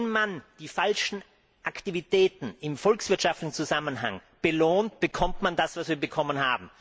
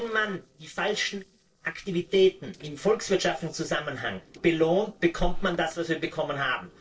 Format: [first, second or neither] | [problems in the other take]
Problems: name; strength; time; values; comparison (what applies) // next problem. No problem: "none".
first | noise reduction (neural separator model SepFormer DNS4)